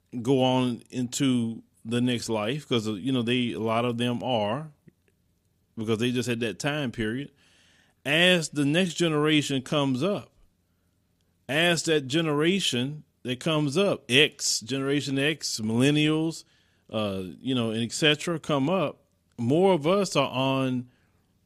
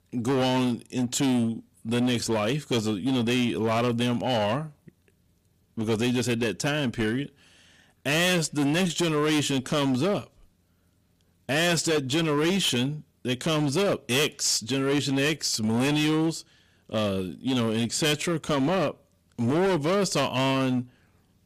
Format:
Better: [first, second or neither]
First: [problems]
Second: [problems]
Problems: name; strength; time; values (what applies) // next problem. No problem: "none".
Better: first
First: none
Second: distortion; heavy; 17% of the sound clipped